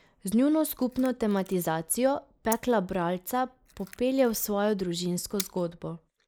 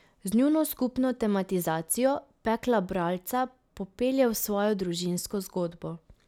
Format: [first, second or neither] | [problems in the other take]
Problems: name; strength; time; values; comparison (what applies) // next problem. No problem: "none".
second | noise reduction (neural mask model Resemble Enhance denoiser)